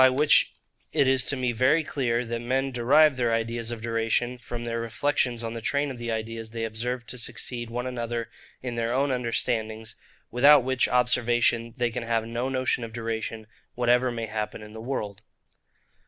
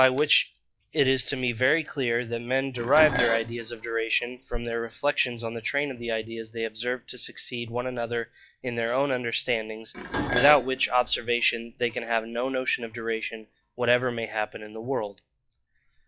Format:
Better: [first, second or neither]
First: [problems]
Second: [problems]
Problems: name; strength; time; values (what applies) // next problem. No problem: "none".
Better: first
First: none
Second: noise reduction (classical method log-MMSE)